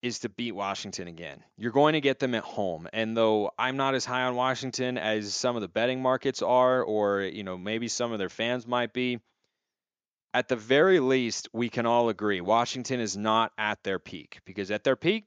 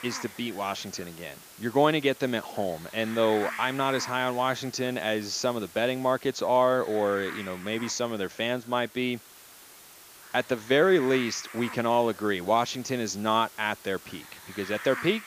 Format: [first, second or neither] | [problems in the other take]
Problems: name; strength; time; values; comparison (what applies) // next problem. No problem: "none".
first | hiss; noticeable; throughout; 15 dB below the speech